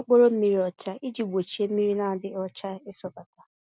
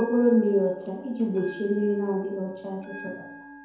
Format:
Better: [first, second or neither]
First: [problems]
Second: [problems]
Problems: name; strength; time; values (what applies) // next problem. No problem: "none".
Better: first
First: none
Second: background sound (Bell); 19 dB below the speech // room echo; dies away in 0.9 s